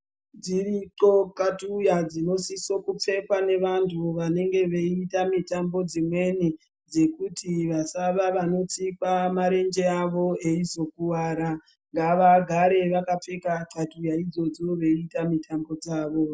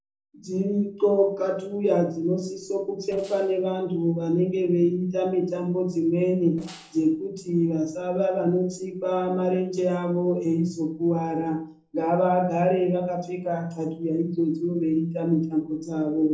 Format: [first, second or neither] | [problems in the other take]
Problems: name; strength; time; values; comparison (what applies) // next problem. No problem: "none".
first | noise reduction (neural separator model SepFormer DNS4)